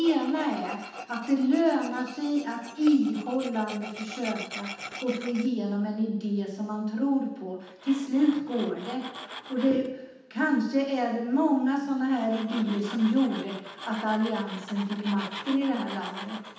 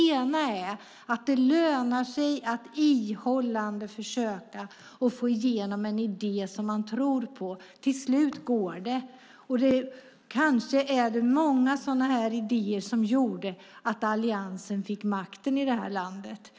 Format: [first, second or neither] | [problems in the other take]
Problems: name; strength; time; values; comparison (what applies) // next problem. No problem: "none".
second | background sound (Tools); 15 dB below the speech // room echo; dies away in 0.8 s